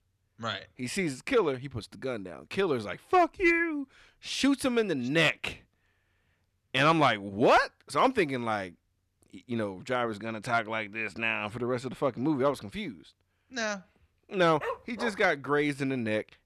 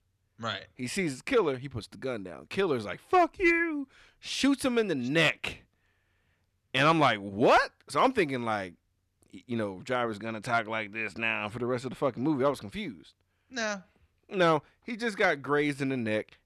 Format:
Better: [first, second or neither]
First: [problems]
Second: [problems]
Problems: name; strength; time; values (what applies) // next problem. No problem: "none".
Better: second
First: dog barking; noticeable; at 15 s; peak 8 dB below the speech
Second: none